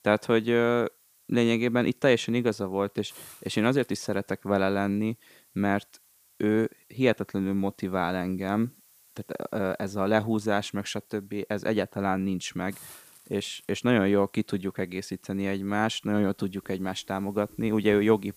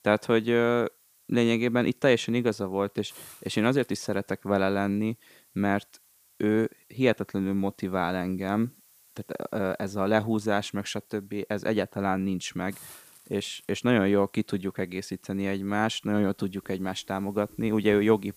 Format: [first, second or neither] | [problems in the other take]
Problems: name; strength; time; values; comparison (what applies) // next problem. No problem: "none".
neither | hiss; faint; throughout; 25 dB below the speech; the same in both